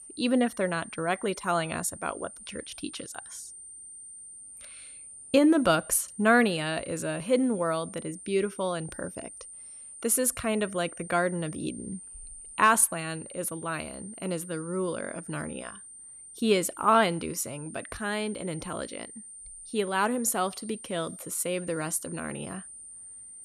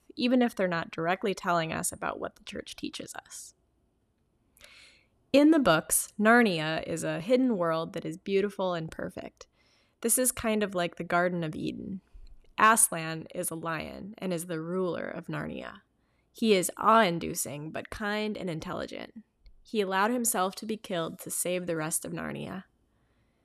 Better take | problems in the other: second | high-pitched whine; noticeable; throughout; 9 kHz, 15 dB below the speech

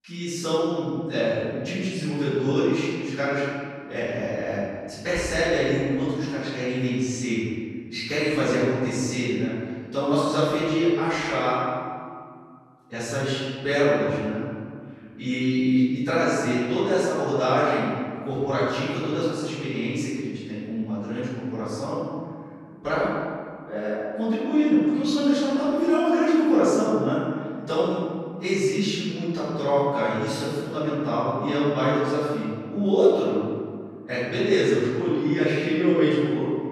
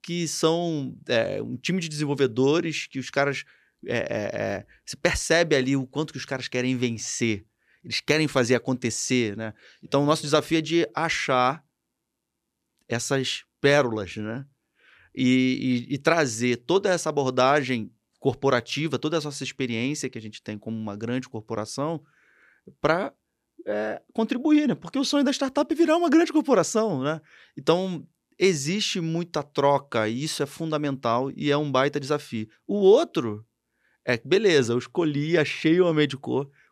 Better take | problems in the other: second | off-mic speech; far // room echo; strong; dies away in 2 s

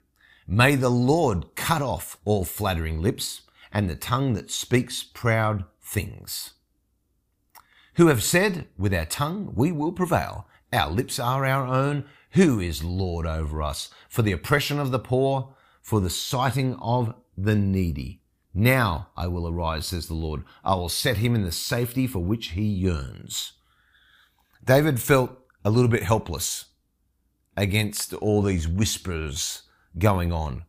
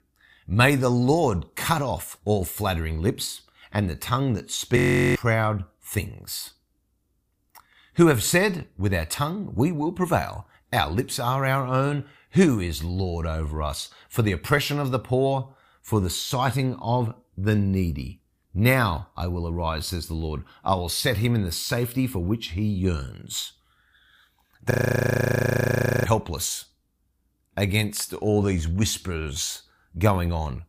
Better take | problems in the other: first | audio freezing; at 5 s and at 25 s for 1.5 s

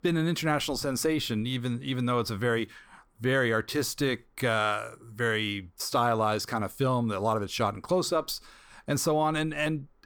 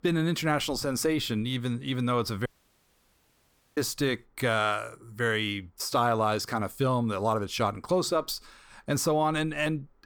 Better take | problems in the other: first | audio cutting out; at 2.5 s for 1.5 s

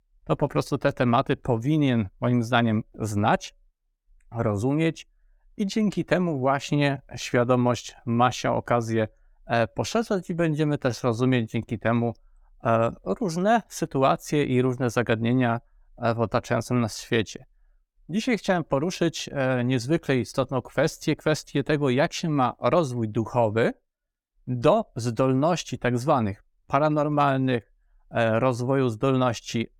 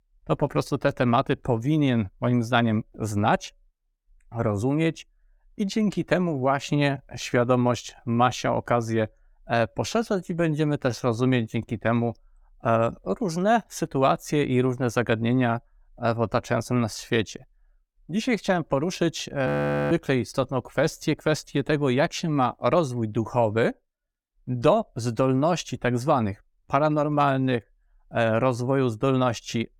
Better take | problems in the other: first | audio freezing; at 19 s

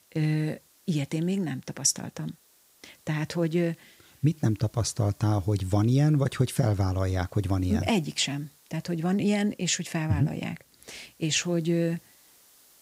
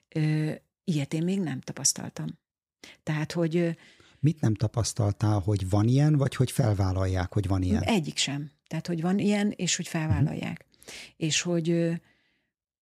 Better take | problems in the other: second | hiss; faint; throughout; 30 dB below the speech

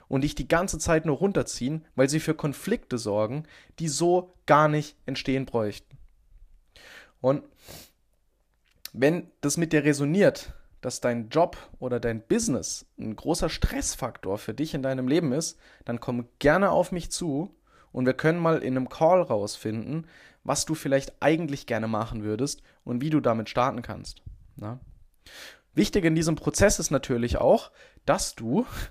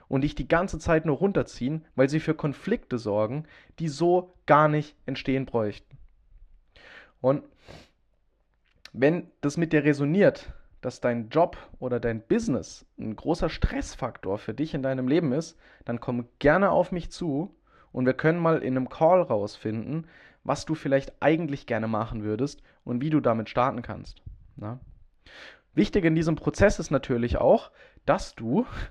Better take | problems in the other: first | muffled; slightly; fading above 3 kHz

